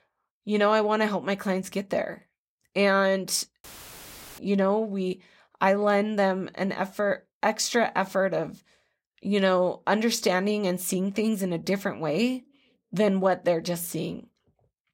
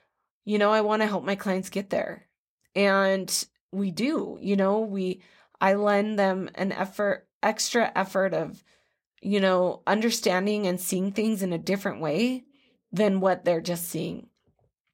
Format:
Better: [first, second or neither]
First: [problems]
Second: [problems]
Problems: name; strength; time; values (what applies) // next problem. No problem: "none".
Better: second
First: audio cutting out; filled with static; at 3.5 s for 0.5 s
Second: none